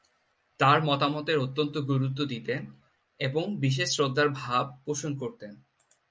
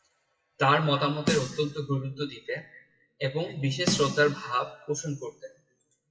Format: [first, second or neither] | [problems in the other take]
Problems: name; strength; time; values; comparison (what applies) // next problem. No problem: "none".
first | noise reduction (classical method WPE with log-MMSE)